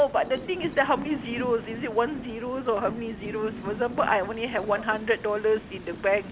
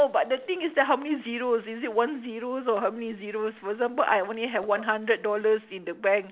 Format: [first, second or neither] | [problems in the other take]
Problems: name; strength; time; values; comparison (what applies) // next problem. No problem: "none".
second | background sound (Train); 12 dB below the speech